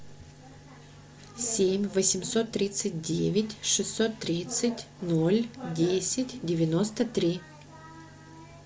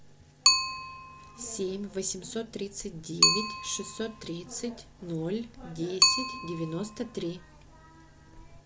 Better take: first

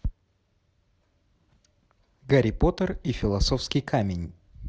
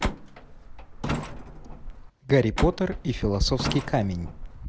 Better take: first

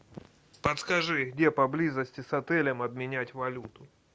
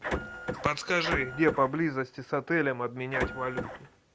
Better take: first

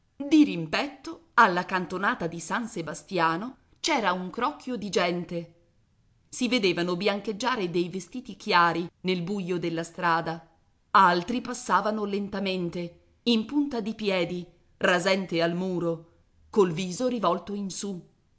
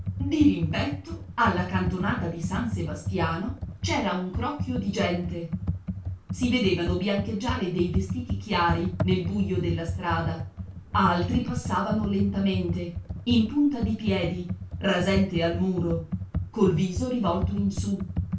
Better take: first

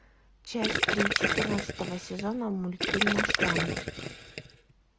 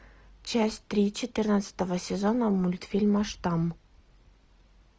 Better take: second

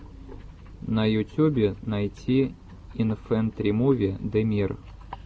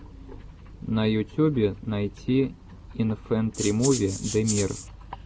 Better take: first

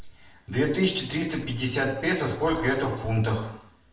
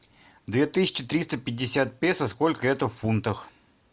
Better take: second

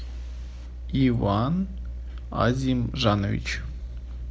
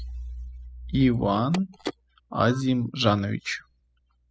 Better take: first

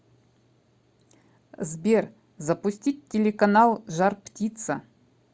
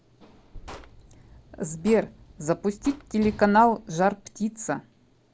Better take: first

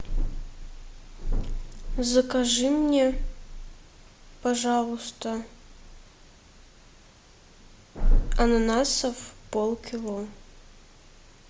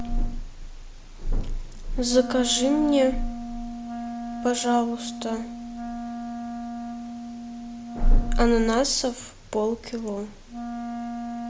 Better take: first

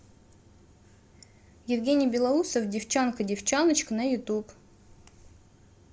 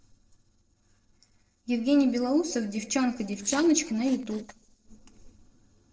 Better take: first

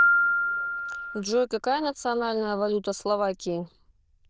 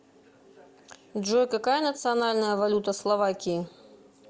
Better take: second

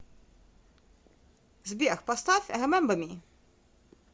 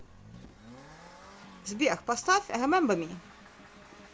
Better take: first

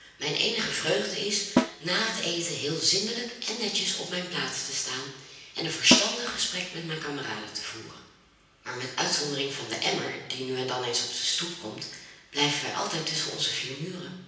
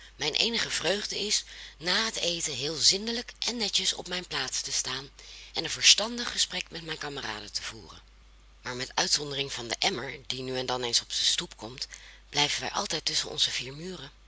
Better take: second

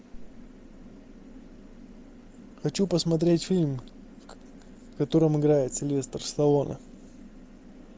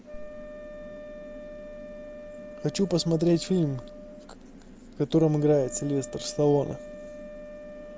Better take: first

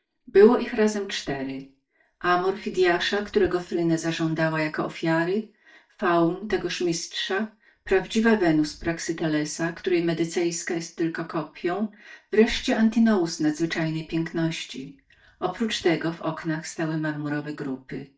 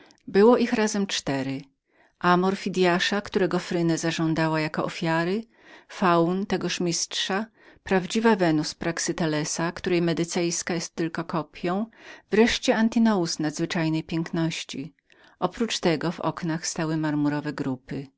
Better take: second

